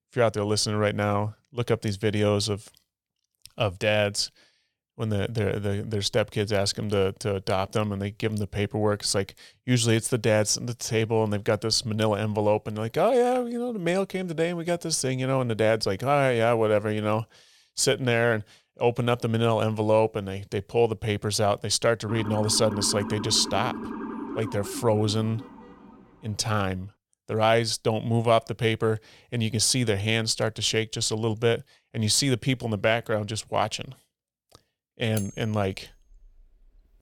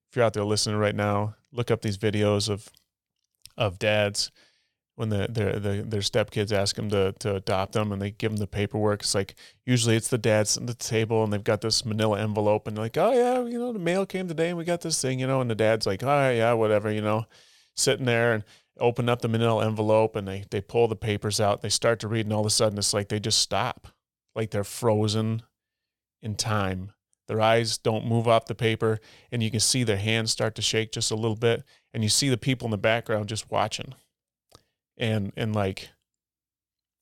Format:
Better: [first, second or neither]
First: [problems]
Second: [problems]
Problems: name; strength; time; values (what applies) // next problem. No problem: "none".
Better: second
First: siren; noticeable; from 22 to 26 s; peak 8 dB below the speech // clattering dishes; faint; from 35 to 36 s; peak 15 dB below the speech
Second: none